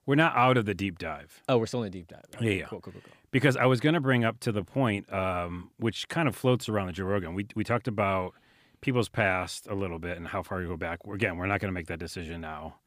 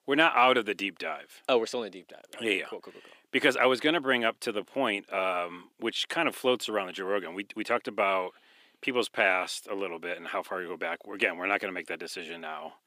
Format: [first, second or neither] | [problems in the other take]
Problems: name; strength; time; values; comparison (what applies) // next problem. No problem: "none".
first | thin; somewhat; fading below 300 Hz